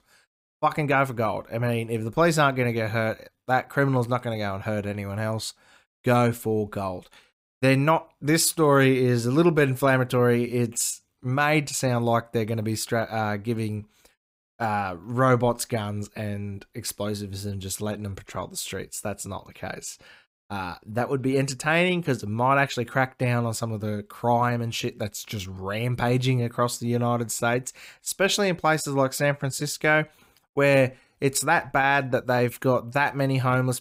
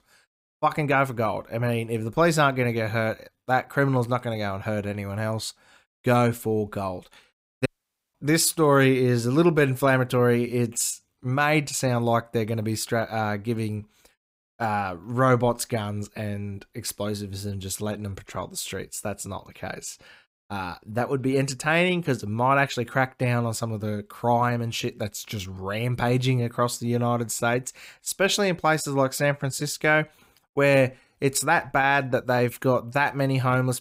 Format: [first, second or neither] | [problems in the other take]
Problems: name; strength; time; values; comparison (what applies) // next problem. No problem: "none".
first | audio cutting out; at 7.5 s